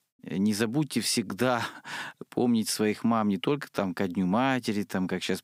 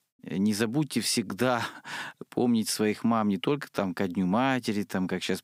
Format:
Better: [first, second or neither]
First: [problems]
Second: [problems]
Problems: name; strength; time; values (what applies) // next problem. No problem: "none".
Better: neither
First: none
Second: none